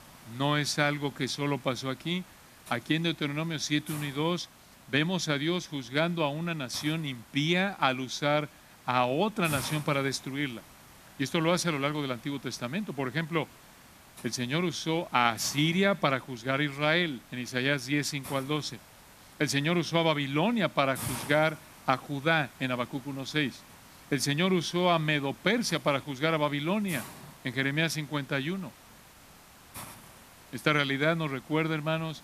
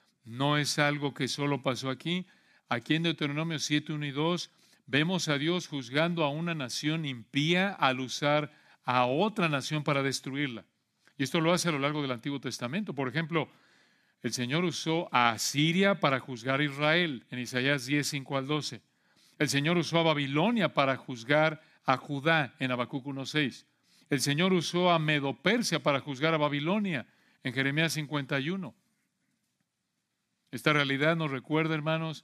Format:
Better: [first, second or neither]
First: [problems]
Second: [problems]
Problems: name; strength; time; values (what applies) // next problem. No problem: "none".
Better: second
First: hiss; noticeable; throughout; 20 dB below the speech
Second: none